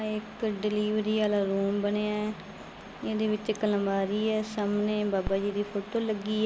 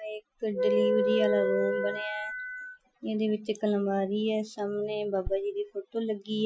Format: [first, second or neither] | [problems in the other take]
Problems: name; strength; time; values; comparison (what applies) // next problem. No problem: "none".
first | noise reduction (classical method Wiener filter)